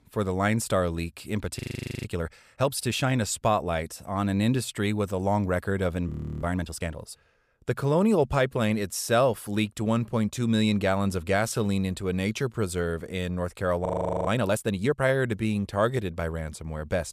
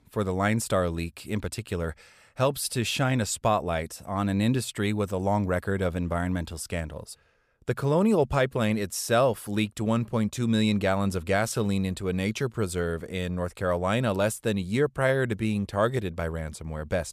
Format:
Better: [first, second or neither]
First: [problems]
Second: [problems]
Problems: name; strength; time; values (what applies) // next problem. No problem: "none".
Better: second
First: audio freezing; at 1.5 s, at 6 s and at 14 s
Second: none